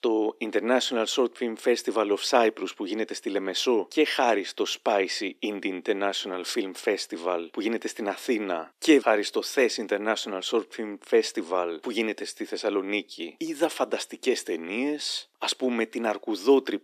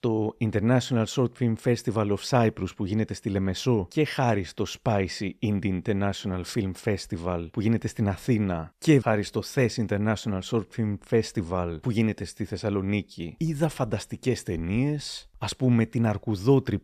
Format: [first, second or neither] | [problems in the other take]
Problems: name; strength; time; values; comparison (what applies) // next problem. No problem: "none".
second | thin; somewhat; fading below 300 Hz